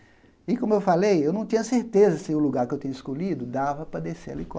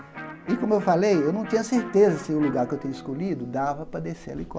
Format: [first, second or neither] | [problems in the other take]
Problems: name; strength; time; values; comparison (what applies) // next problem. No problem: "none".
first | background sound (Electric guitar); 16 dB below the speech